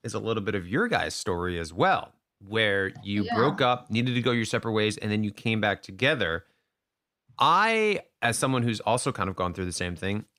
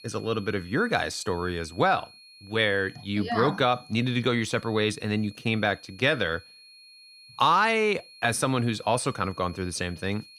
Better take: first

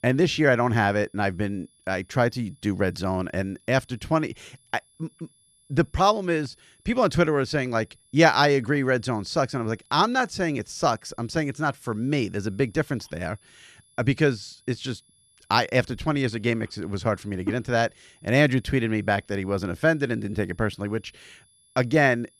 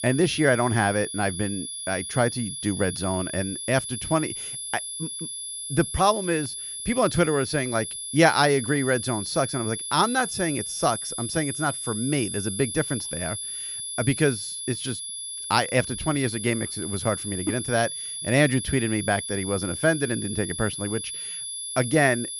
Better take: first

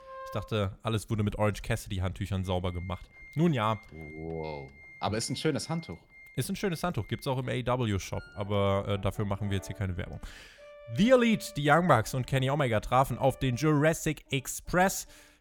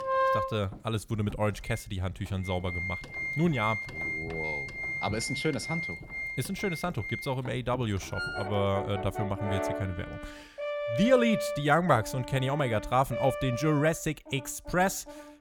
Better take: first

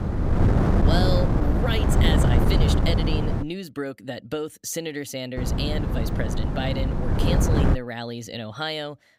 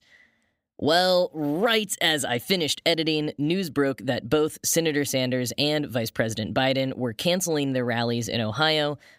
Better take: second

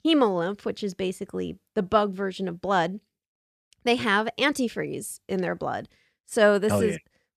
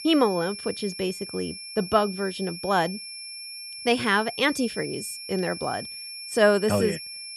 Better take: first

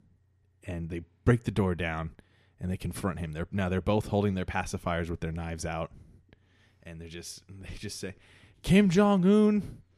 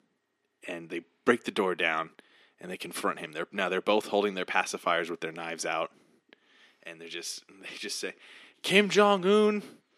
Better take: first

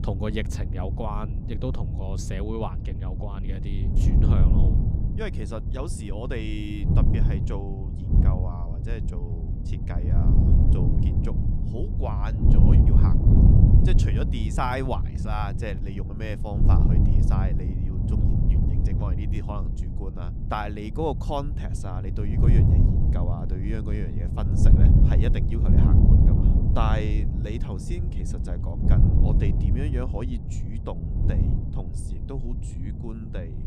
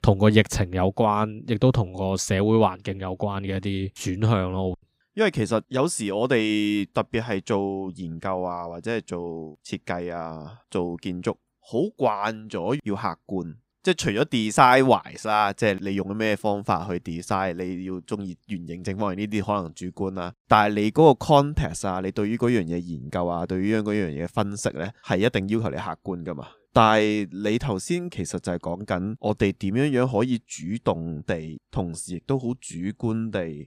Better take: second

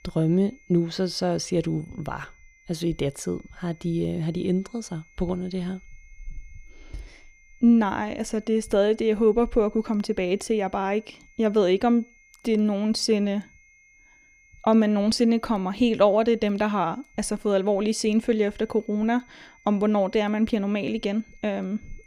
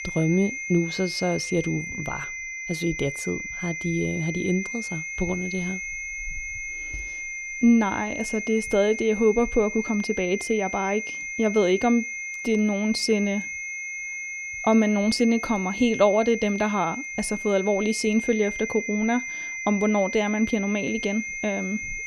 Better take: first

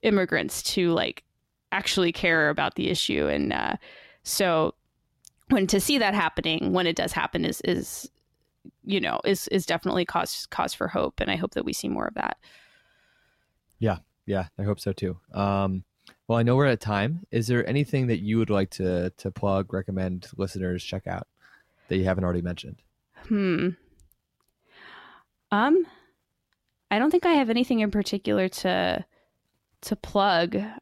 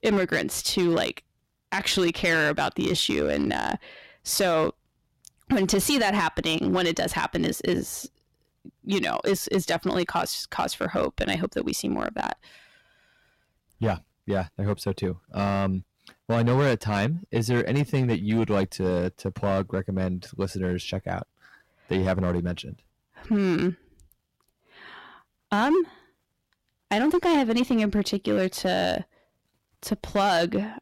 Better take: first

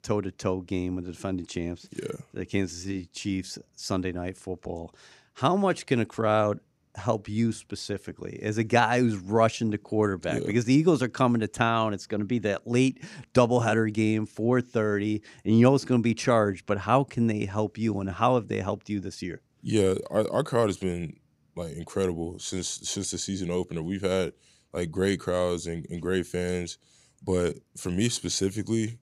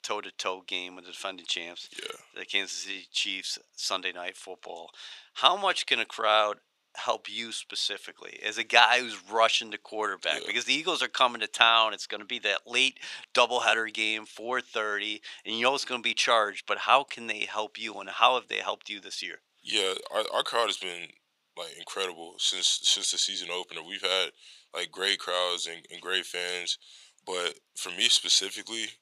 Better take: first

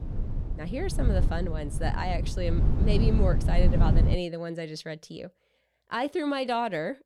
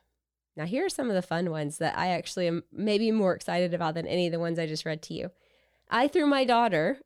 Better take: second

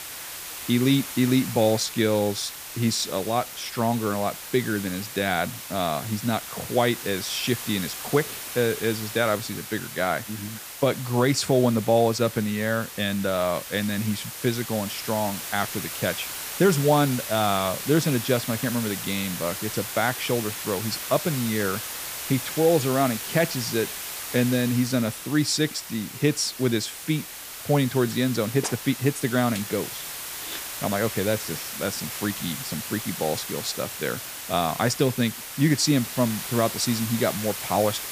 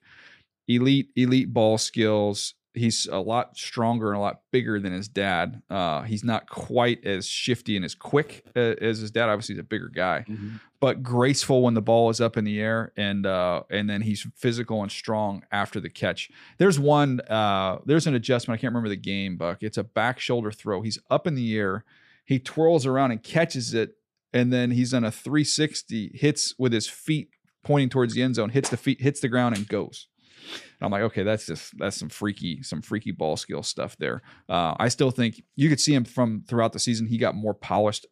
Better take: second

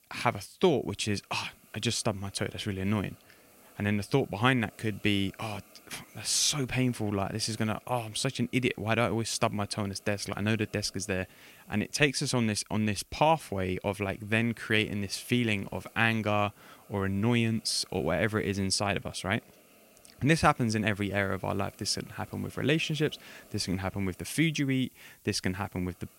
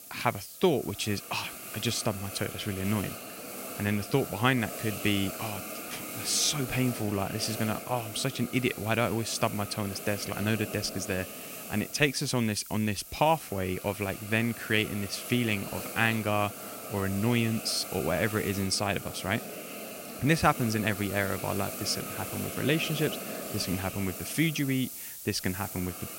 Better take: first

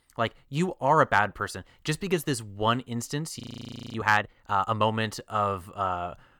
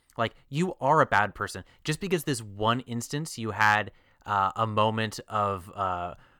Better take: second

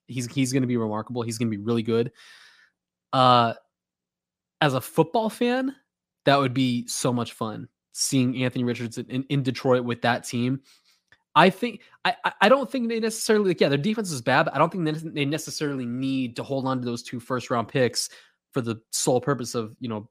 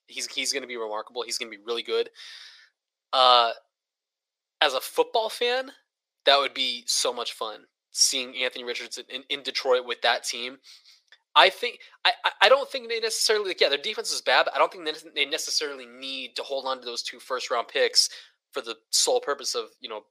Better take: first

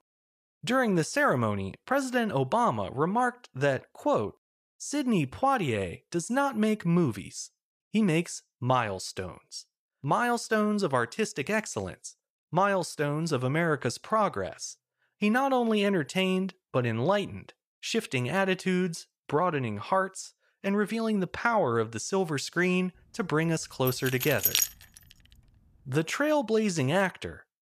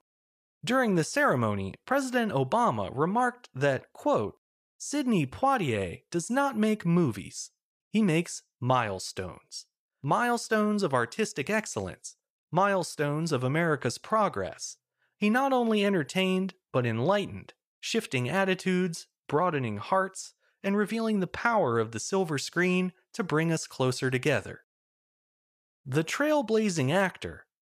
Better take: second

